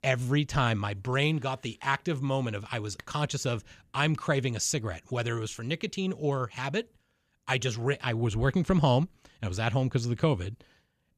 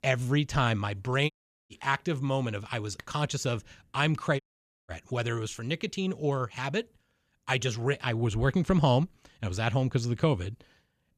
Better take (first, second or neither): first